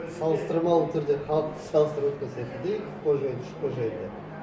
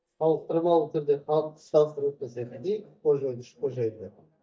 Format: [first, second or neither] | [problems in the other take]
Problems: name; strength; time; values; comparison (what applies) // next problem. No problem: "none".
first | noise reduction (neural mask model DeepFilterNet 3)